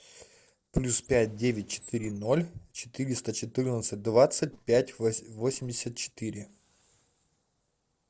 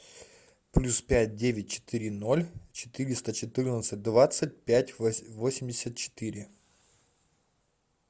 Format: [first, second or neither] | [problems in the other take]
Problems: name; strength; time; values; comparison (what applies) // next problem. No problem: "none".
second | noise reduction (neural separator model SepFormer DNS4)